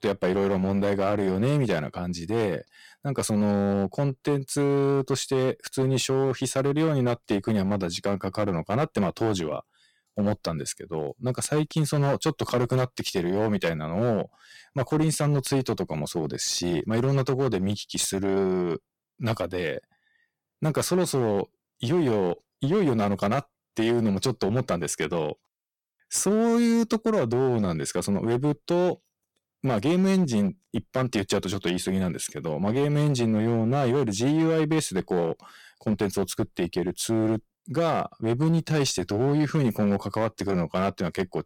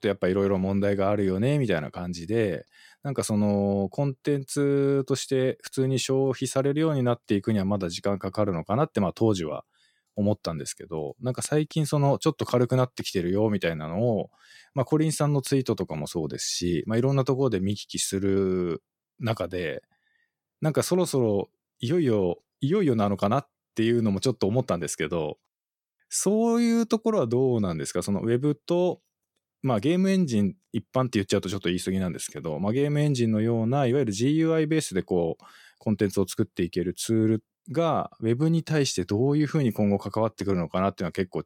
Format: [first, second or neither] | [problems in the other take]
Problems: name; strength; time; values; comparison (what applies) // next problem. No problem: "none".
second | distortion; slight; 11% of the sound clipped